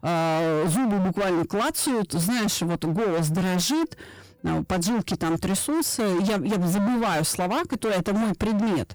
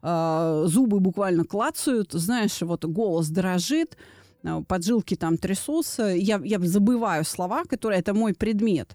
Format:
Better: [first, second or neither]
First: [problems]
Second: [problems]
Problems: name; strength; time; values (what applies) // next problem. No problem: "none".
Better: second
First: distortion; heavy; 39% of the sound clipped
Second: none